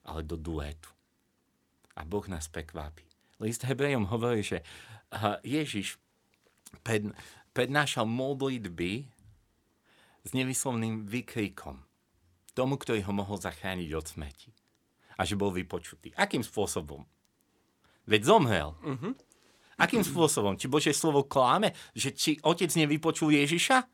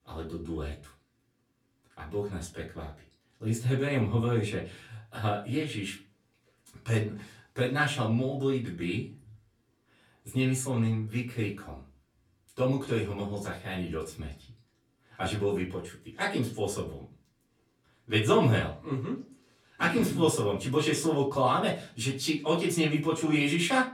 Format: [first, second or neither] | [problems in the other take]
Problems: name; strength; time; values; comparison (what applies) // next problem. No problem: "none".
first | off-mic speech; far // room echo; slight; dies away in 0.3 s